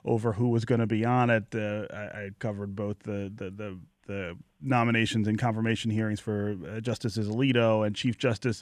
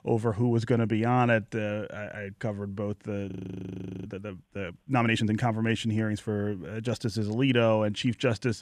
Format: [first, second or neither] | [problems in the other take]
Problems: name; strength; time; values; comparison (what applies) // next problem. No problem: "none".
first | audio freezing; at 3.5 s for 1 s